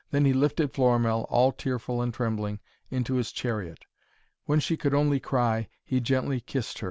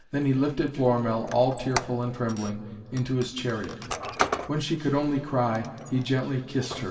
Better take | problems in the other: first | background sound (Squeak); 10 dB below the speech // room echo; dies away in 2.2 s

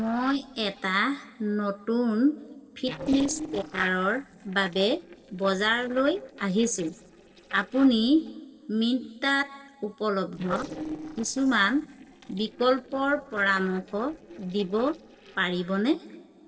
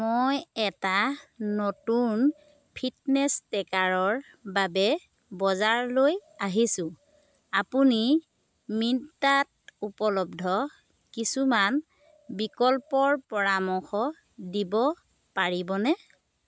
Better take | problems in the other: second | noise reduction (neural separator model SepFormer DNS4)

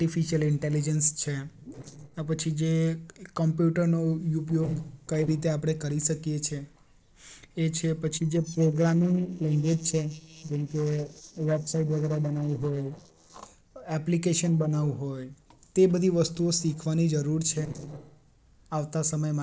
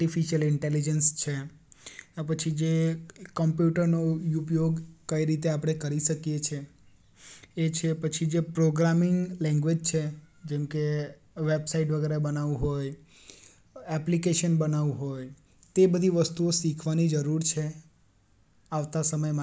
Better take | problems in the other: second | noise reduction (neural separator model SepFormer DNS4)

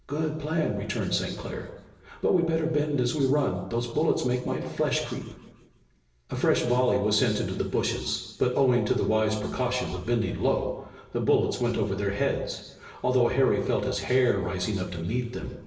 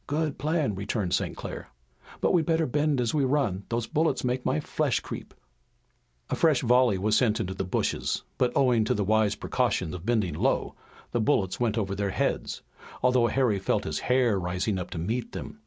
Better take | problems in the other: second | room echo; dies away in 1 s

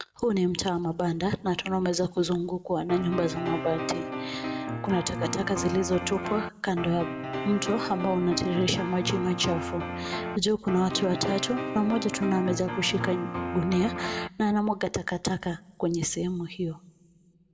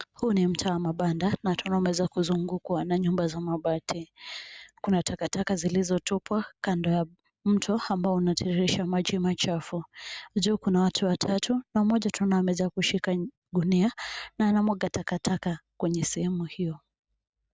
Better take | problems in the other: second | background sound (Piano); 5 dB below the speech // room echo; dies away in 0.9 s

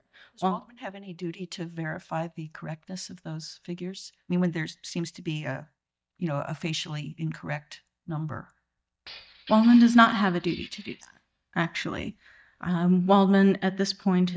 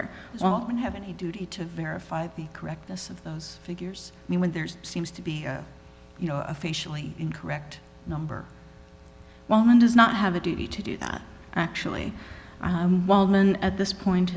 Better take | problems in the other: second | noise reduction (neural mask model DeepFilterNet 3)

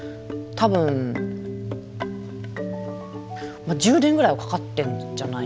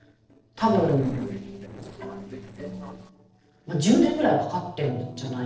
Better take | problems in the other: first | noise reduction (neural separator model SepFormer DNS4)

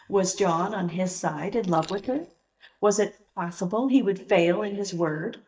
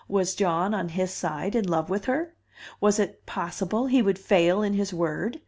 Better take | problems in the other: second | noise reduction (neural mask model DeepFilterNet 3)

